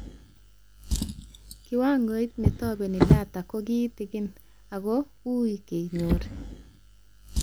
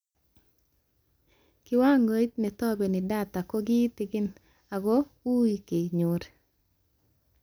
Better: second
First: background sound (Drawer open or close); as loud as the speech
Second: none

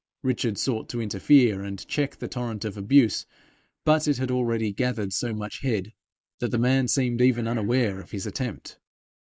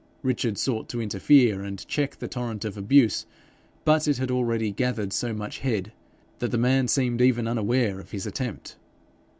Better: second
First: noise reduction (neural mask model Resemble Enhance denoiser)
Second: none

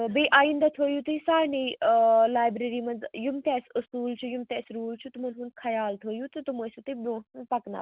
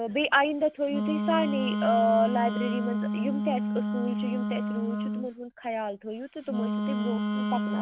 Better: first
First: none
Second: background sound (Wind instrument, woodwind instrument); as loud as the speech

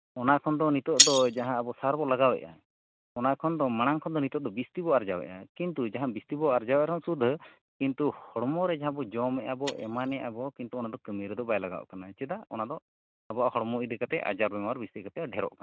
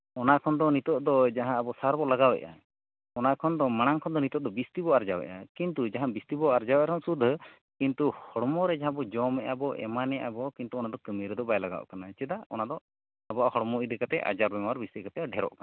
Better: second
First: noise reduction (neural mask model RNNoise)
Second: none

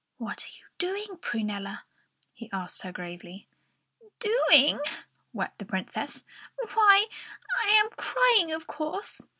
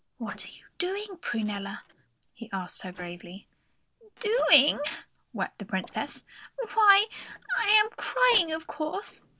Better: first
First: none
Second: noise reduction (neural separator model SepFormer DNS4)

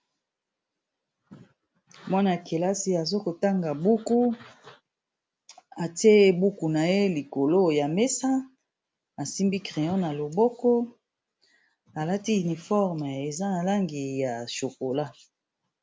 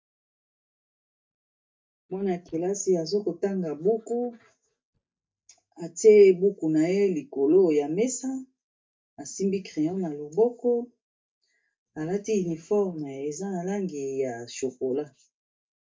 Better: first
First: none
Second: noise reduction (neural mask model DeepFilterNet 3)

